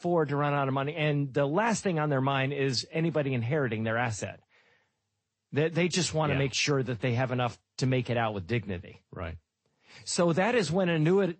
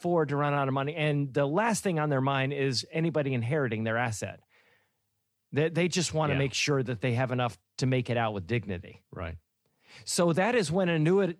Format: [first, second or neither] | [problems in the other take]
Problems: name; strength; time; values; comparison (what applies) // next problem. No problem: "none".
second | garbled, watery; slightly; nothing above 8 kHz